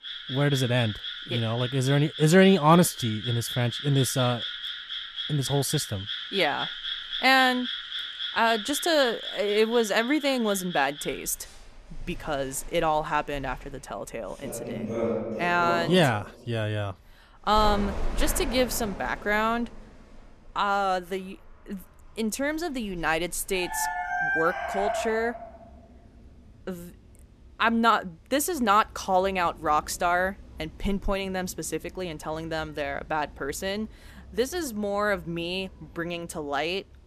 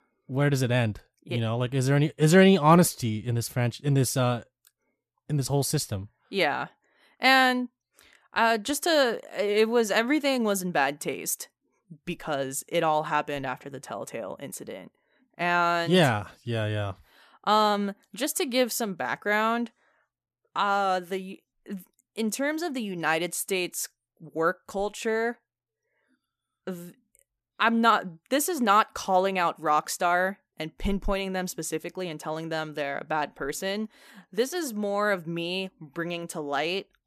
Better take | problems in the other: second | animal sounds; loud; throughout; 7 dB below the speech

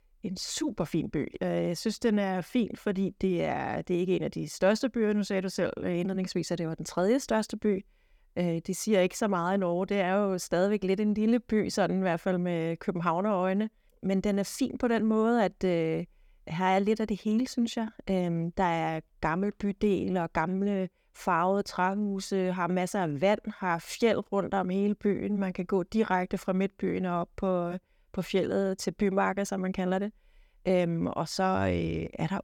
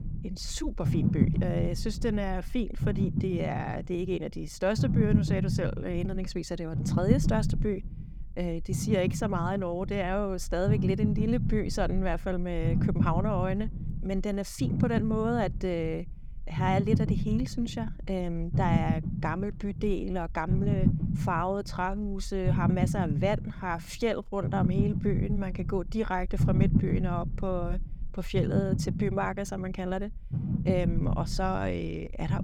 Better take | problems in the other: first | low rumble; loud; throughout; 6 dB below the speech

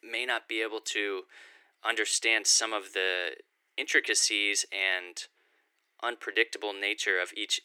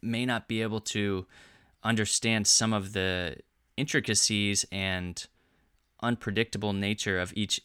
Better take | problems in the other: second | thin; very; fading below 300 Hz

